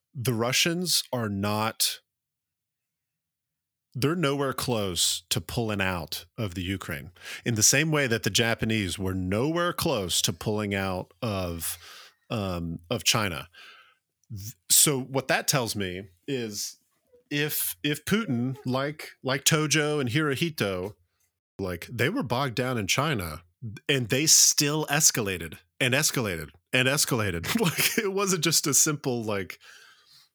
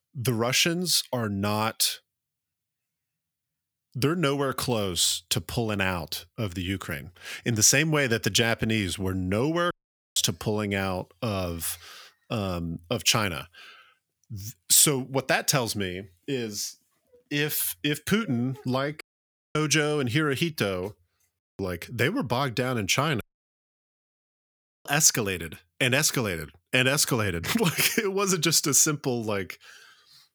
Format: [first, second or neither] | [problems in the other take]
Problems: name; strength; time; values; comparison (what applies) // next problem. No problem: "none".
first | audio cutting out; at 9.5 s, at 19 s for 0.5 s and at 23 s for 1.5 s